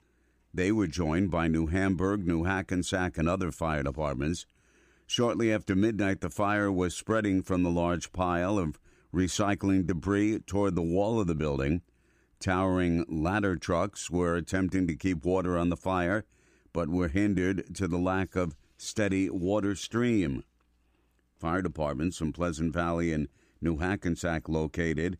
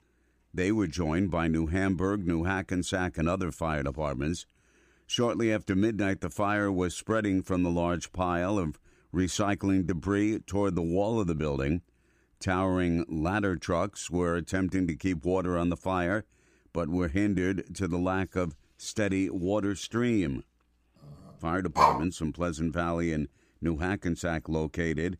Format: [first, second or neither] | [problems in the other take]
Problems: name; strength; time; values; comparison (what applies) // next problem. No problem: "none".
first | dog barking; loud; at 22 s; peak 5 dB above the speech